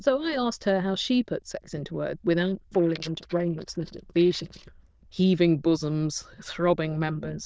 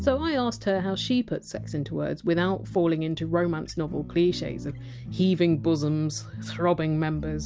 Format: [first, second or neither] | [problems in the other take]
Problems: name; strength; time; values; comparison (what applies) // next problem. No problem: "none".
second | noise reduction (neural diffusion model UNIVERSE++)